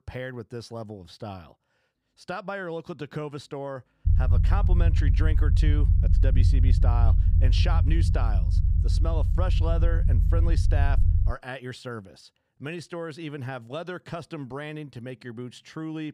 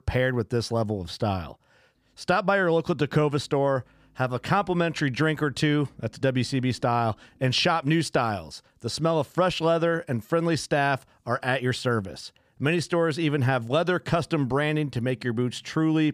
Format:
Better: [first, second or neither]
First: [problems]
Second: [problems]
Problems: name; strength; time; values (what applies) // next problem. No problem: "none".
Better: second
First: low rumble; loud; from 4 to 11 s; 5 dB below the speech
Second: none